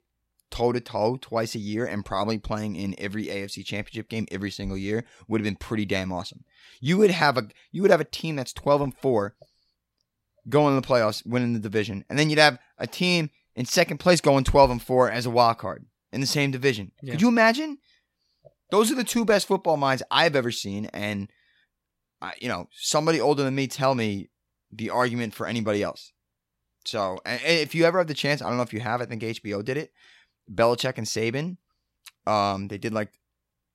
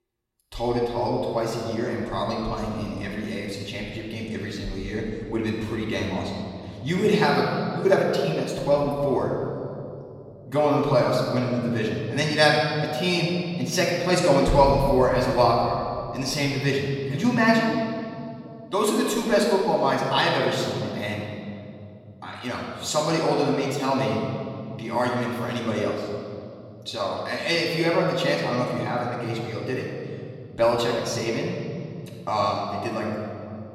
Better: first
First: none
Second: room echo; noticeable; dies away in 2.4 s // off-mic speech; far

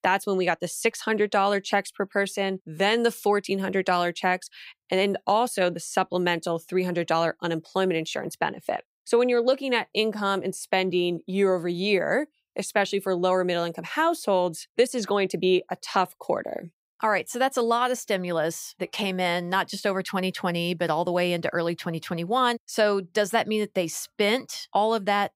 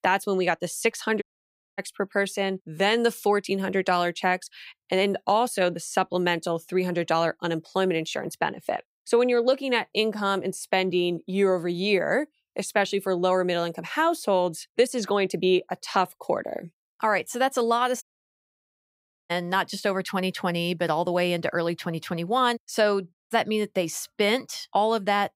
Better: first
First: none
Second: audio cutting out; at 1 s for 0.5 s, at 18 s for 1.5 s and at 23 s

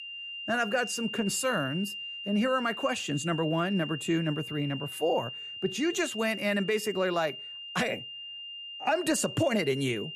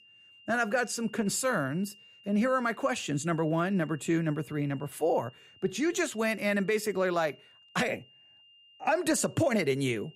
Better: second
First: high-pitched whine; loud; throughout; 3 kHz, 8 dB below the speech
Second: high-pitched whine; faint; throughout; 3 kHz, 25 dB below the speech

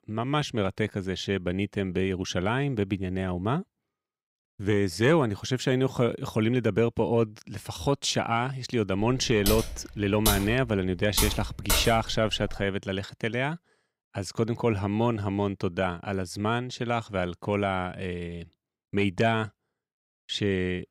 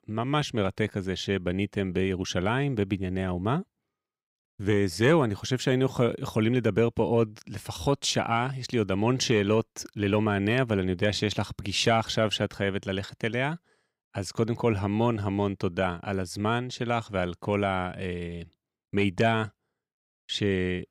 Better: second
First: keyboard typing; loud; from 9 to 13 s; peak level with the speech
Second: none

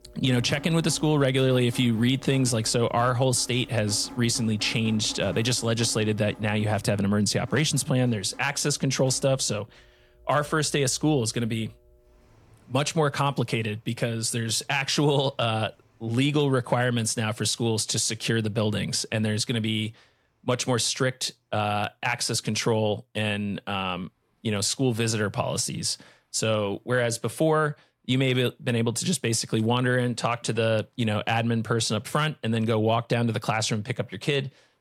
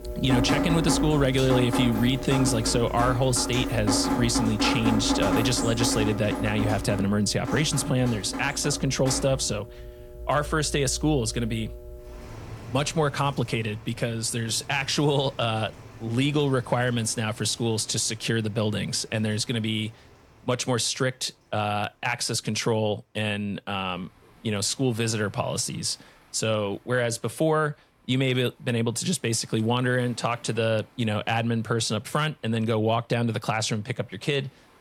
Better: first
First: rain or running water; faint; throughout; 20 dB below the speech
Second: rain or running water; loud; throughout; 4 dB below the speech

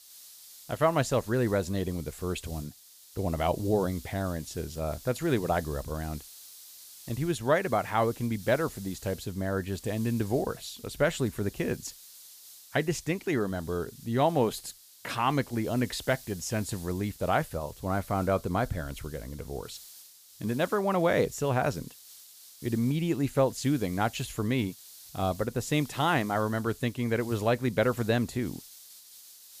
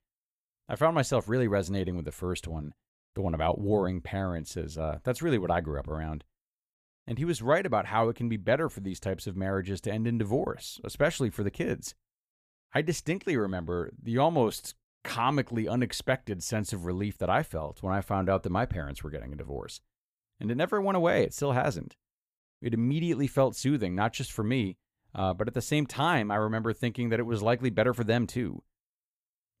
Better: second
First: hiss; noticeable; throughout; 20 dB below the speech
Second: none

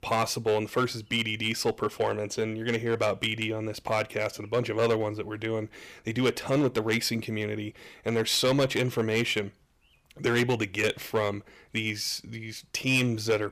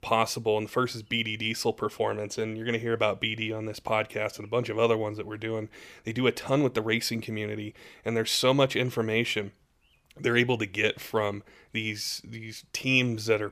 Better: second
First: distortion; slight; 4% of the sound clipped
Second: none

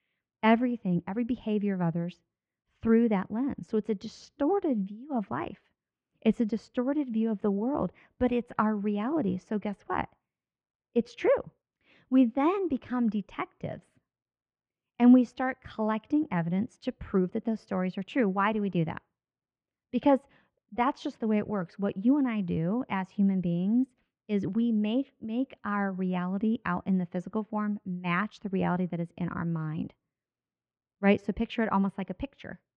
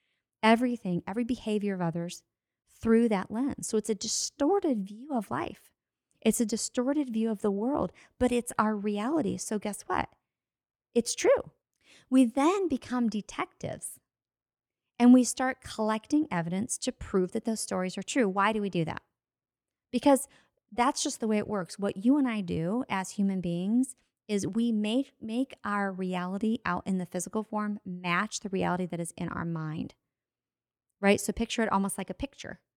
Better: second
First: muffled; very; fading above 3 kHz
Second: none

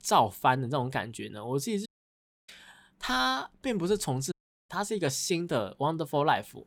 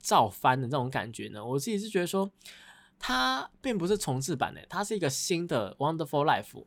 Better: second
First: audio cutting out; at 2 s for 0.5 s and at 4.5 s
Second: none

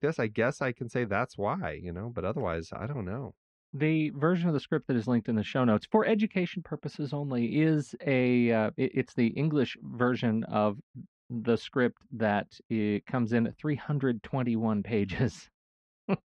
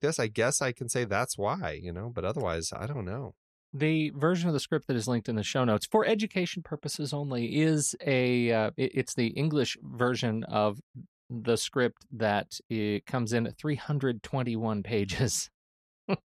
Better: second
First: muffled; very; fading above 2.5 kHz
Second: none

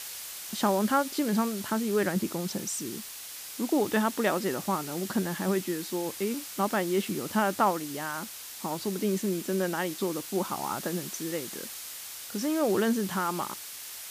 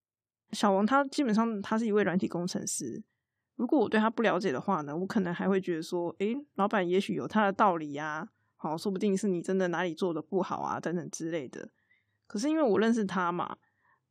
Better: second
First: hiss; loud; throughout; 8 dB below the speech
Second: none

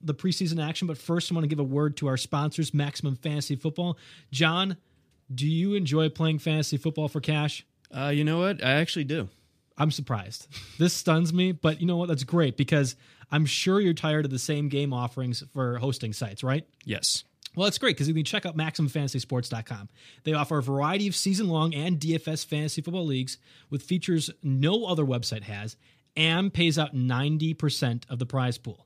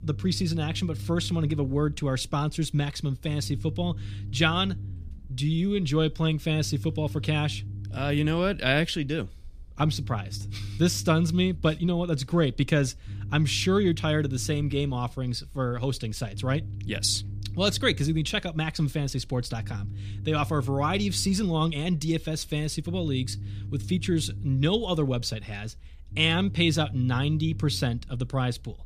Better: first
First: none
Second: low rumble; faint; throughout; 20 dB below the speech

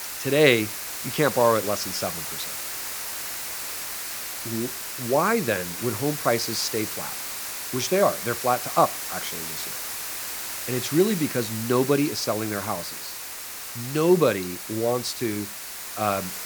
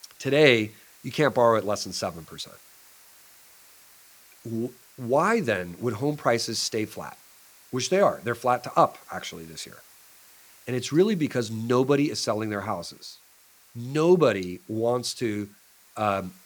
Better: second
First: hiss; loud; throughout; 6 dB below the speech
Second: hiss; faint; throughout; 25 dB below the speech

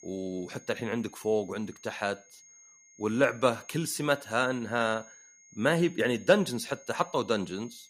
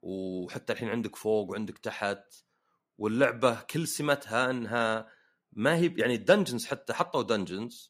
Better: second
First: high-pitched whine; faint; throughout; 6.5 kHz, 25 dB below the speech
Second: none

